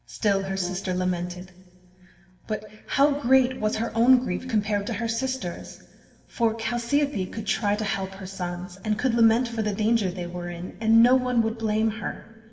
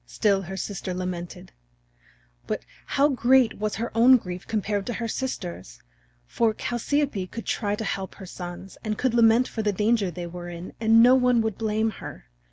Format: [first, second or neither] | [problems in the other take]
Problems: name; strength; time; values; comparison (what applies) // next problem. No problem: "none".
second | background sound (Brass instrument); 17 dB below the speech // room echo; dies away in 2.6 s